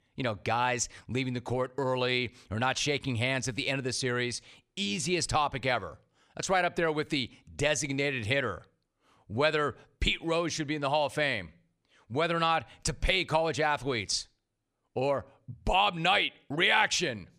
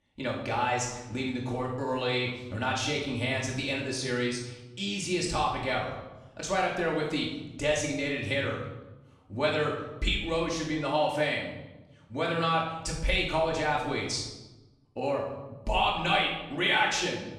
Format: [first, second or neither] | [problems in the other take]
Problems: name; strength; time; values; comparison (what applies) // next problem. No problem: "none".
first | room echo; noticeable; dies away in 0.9 s // off-mic speech; far